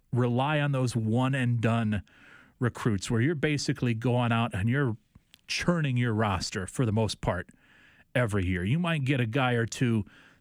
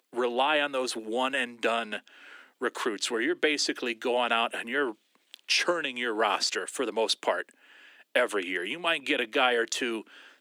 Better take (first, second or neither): first